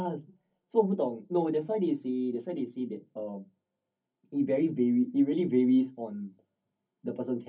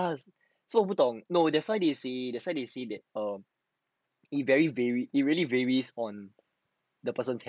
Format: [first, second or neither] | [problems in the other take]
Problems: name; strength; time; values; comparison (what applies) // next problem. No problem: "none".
second | room echo; dies away in 0.3 s